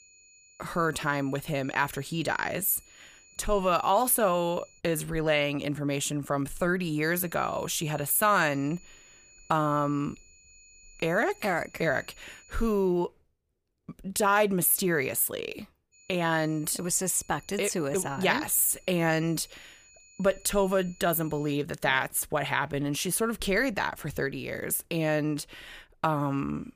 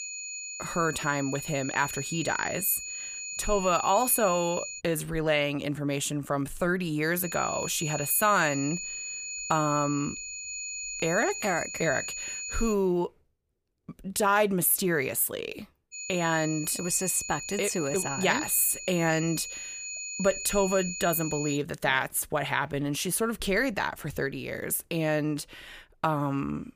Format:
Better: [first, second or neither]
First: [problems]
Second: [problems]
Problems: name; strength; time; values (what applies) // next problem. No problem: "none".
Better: first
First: high-pitched whine; faint; until 5 s, from 7 to 13 s and from 16 to 22 s; 7 kHz, 25 dB below the speech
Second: high-pitched whine; loud; until 5 s, from 7 to 13 s and from 16 to 22 s; 7 kHz, 7 dB below the speech